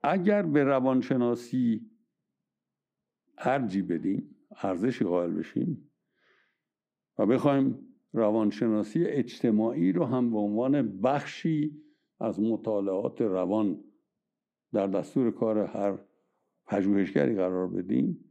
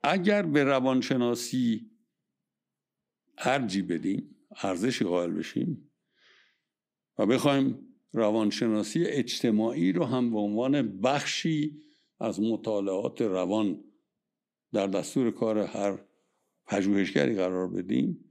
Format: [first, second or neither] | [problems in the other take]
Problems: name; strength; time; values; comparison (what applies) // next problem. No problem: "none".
second | muffled; slightly; fading above 2.5 kHz